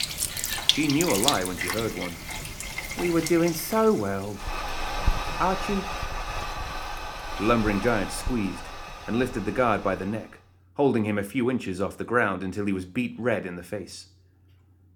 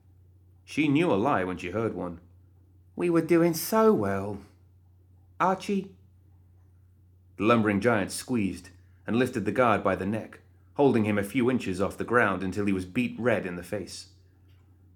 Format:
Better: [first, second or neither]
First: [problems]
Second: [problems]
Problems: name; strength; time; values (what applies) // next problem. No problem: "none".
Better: second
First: household noises; loud; until 10 s; 4 dB below the speech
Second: none